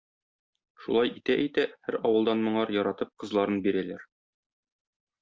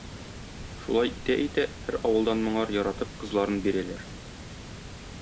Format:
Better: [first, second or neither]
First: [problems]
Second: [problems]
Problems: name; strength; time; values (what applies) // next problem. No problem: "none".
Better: first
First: none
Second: background sound (Water); 12 dB below the speech